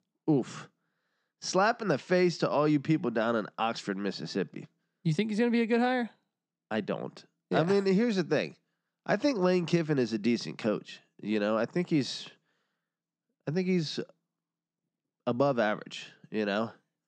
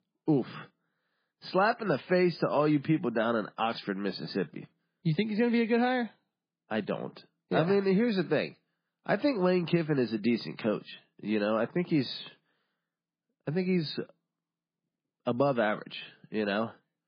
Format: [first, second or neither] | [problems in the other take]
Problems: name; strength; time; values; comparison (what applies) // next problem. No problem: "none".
first | garbled, watery; badly; nothing above 4.5 kHz